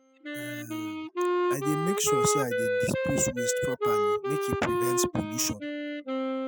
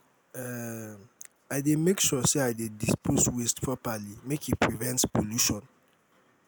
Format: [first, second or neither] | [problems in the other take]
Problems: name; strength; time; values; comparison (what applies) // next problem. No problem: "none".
second | noise reduction (classical method spectral subtraction)